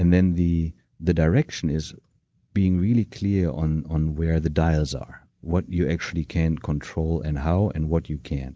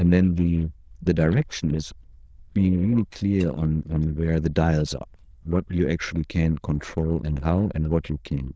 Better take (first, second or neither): first